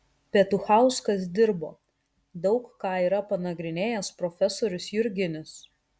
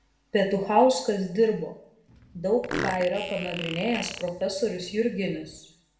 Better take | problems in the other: first | background sound (Fart); 10 dB below the speech // room echo; dies away in 0.6 s

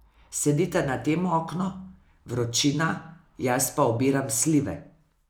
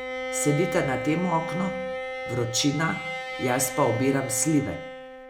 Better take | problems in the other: first | background sound (Bowed string instrument); 6 dB below the speech

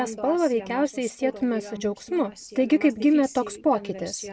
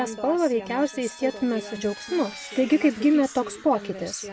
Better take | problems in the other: first | background sound (Vehicle); 20 dB below the speech

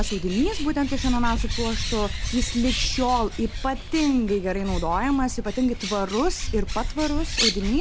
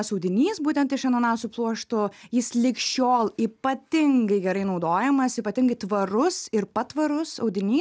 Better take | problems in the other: second | background sound (Bird); 2 dB below the speech

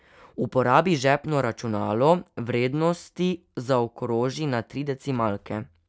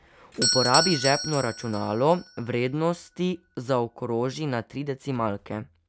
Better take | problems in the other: first | background sound (Doorbell); 6 dB below the speech

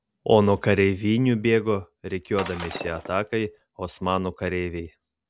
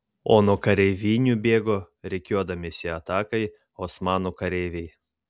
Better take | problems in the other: second | background sound (Shatter); 14 dB below the speech

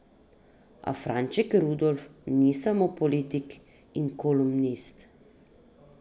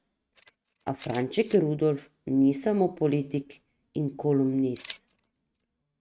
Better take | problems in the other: first | noise reduction (neural mask model RNNoise)

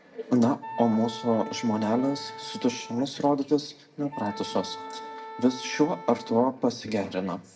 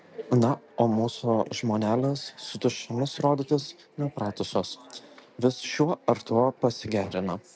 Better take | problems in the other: second | background sound (Wind instrument, woodwind instrument); 14 dB below the speech // room echo; dies away in 0.4 s

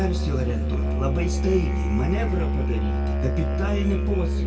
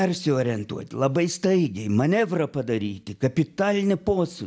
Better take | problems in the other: second | background sound (Musical instrument); 5 dB above the speech // room echo; dies away in 1.6 s

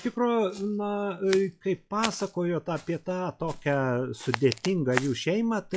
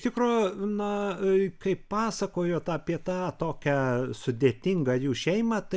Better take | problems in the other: second | noise reduction (classical method log-MMSE)

